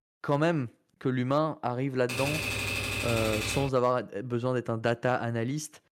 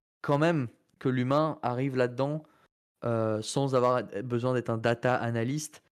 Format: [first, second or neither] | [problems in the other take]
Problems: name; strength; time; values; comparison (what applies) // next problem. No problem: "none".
second | keyboard typing; loud; from 2 to 3.5 s; peak level with the speech